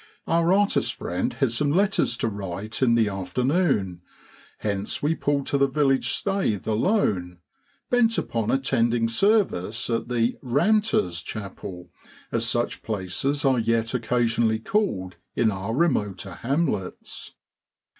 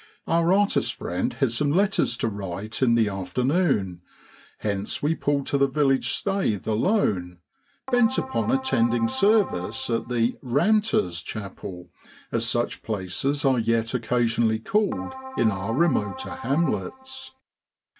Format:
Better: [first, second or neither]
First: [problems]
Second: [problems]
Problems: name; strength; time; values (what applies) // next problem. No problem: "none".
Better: first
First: none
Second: background sound (Keyboard (musical)); 12 dB below the speech